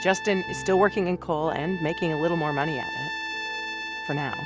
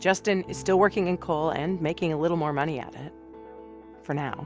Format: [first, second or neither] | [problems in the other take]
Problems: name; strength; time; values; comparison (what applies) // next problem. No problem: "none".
second | background sound (Trumpet); 8 dB below the speech